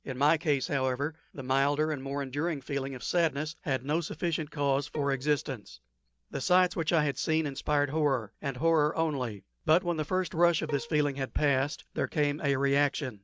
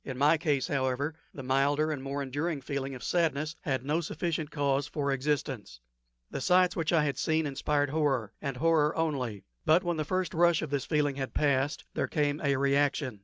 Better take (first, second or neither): second